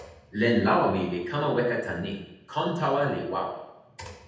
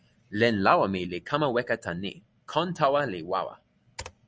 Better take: second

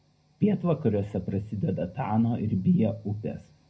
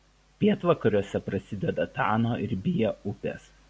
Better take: second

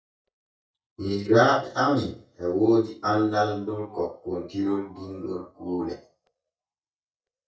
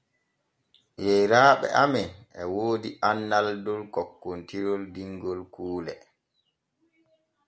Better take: second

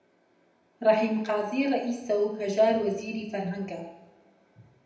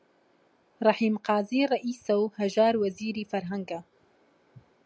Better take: second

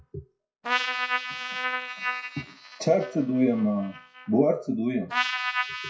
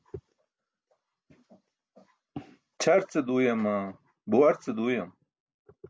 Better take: second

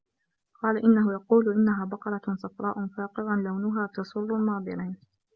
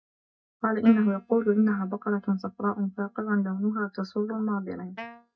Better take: first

